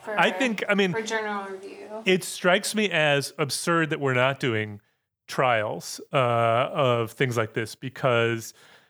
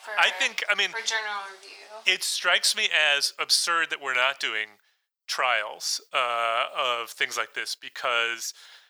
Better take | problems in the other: first | thin; very; fading below 1 kHz

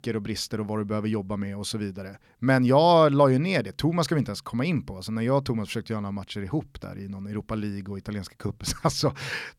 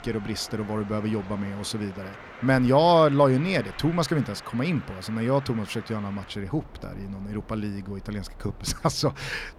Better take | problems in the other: first | train or aircraft noise; noticeable; throughout; 20 dB below the speech

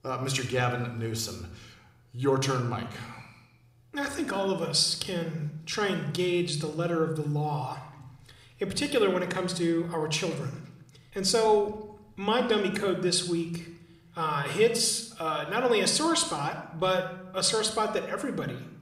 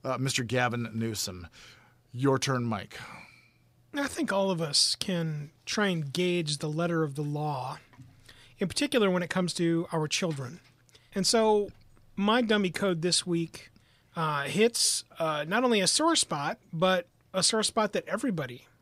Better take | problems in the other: second | room echo; slight; dies away in 0.7 s

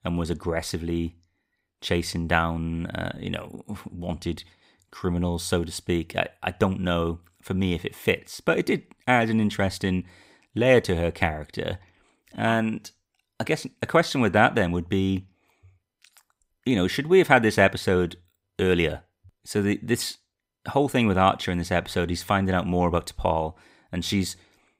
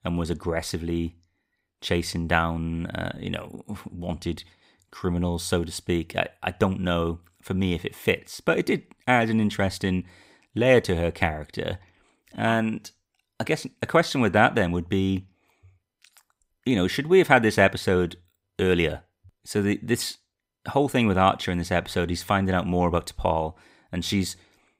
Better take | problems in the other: neither | none

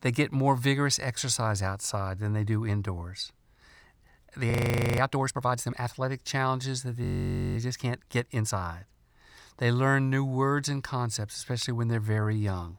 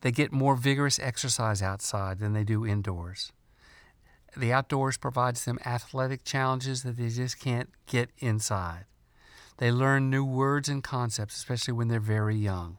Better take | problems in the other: second | audio freezing; at 4.5 s and at 7 s for 0.5 s

